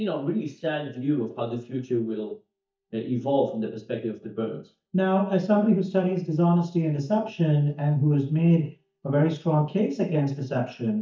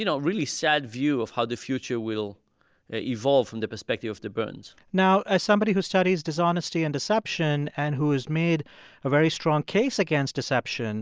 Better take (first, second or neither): second